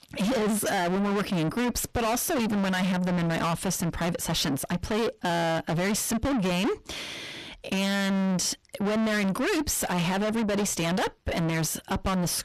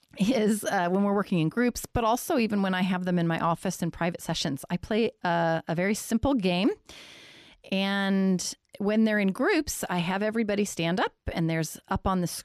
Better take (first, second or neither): second